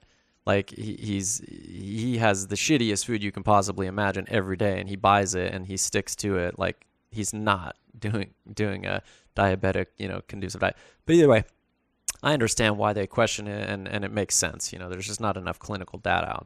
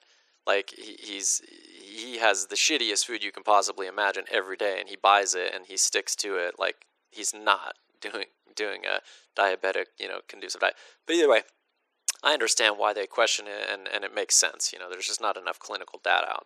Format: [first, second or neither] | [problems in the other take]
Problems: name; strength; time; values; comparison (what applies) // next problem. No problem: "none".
first | thin; very; fading below 350 Hz